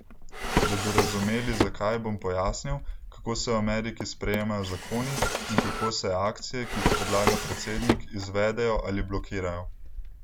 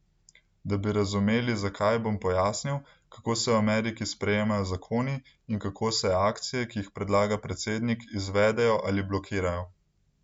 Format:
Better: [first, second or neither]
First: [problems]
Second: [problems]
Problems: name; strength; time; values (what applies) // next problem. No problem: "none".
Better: second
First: background sound (Drawer open or close); 1 dB below the speech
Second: none